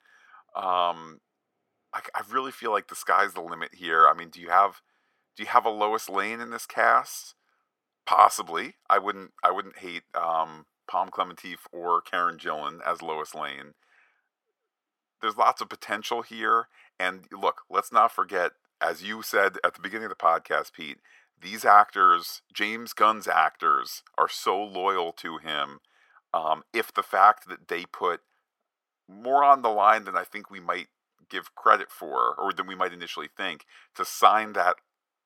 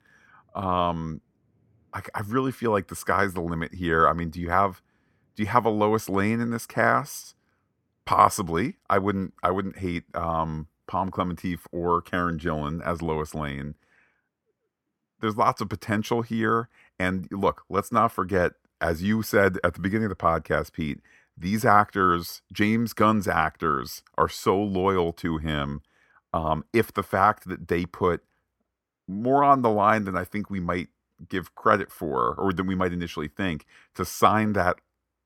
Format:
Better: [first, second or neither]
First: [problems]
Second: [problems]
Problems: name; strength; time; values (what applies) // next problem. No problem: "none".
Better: second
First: thin; very; fading below 550 Hz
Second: none